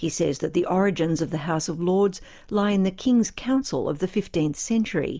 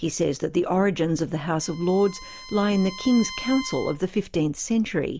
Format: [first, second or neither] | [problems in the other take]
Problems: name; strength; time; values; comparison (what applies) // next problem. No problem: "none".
first | background sound (Bowed string instrument); 16 dB below the speech